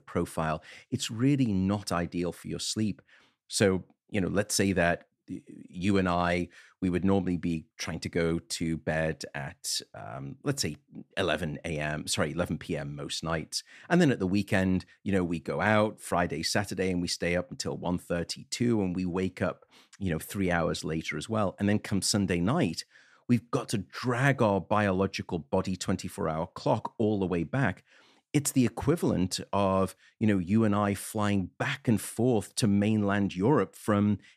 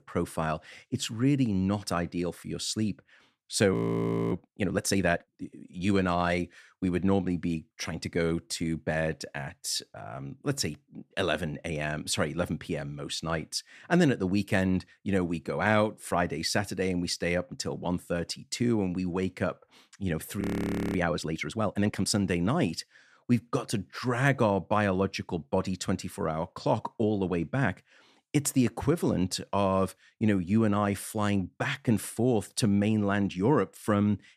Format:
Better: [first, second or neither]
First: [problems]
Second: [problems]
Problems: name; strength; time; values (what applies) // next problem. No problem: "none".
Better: first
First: none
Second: audio freezing; at 3.5 s for 0.5 s and at 20 s for 0.5 s